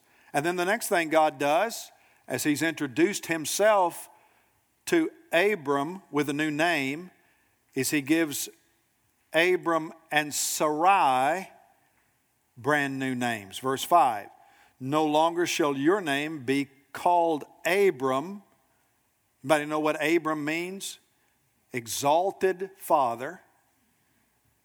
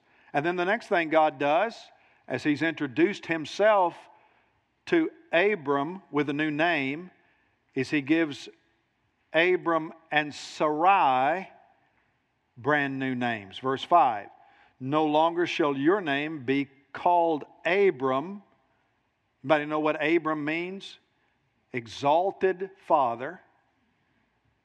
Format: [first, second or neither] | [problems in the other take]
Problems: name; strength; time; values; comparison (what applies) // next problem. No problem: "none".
first | muffled; slightly; fading above 3.5 kHz